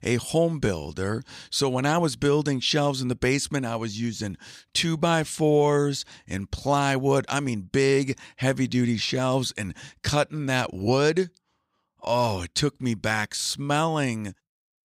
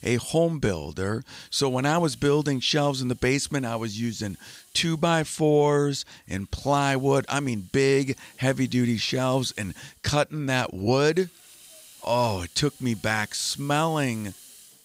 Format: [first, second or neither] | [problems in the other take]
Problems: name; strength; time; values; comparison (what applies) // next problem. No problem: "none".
first | hiss; faint; throughout; 25 dB below the speech